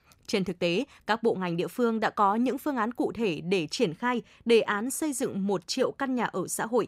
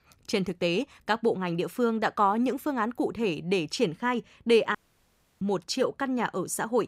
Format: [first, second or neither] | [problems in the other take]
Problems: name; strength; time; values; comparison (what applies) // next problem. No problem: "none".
first | audio cutting out; at 5 s for 0.5 s